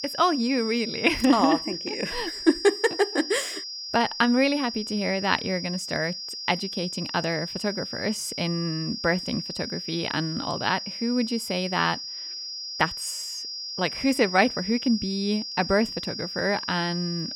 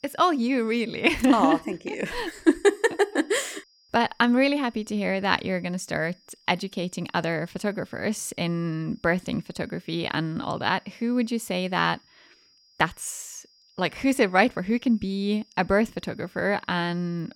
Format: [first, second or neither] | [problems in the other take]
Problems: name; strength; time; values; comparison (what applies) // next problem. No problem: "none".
second | high-pitched whine; loud; throughout; 5 kHz, 6 dB below the speech; faint in the second